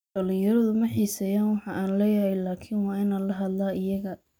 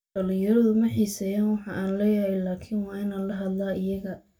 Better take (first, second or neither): first